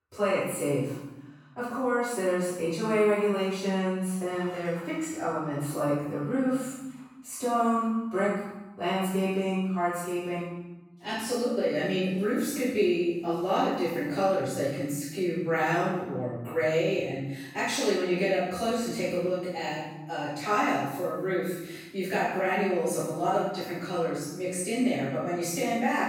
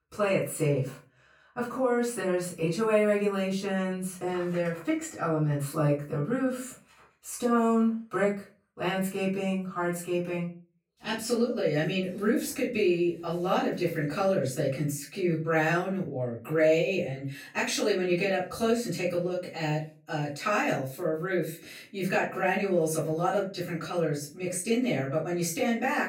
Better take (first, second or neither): second